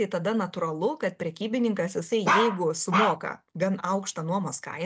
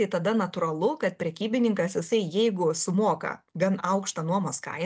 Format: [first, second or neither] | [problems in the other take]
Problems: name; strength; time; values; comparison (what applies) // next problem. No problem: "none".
second | background sound (Bark); 1 dB above the speech